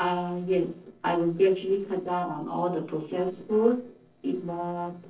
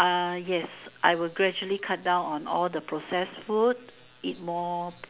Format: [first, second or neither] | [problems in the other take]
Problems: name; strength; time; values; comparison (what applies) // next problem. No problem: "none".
second | noise reduction (neural separator model SepFormer DNS4)